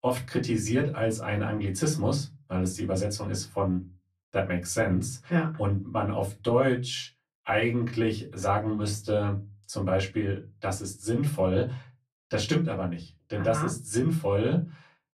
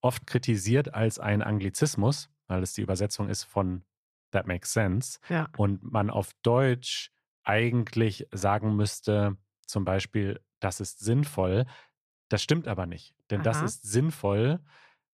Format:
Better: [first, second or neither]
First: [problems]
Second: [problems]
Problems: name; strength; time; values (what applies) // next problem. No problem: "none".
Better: second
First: off-mic speech; far // room echo; very slight; dies away in 0.2 s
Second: none